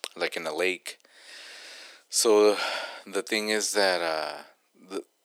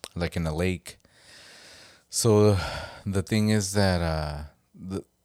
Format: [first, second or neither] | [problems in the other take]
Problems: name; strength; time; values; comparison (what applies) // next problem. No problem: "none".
second | thin; very; fading below 300 Hz